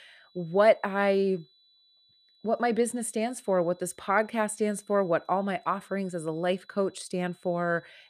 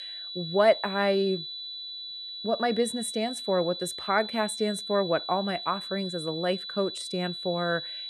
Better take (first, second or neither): first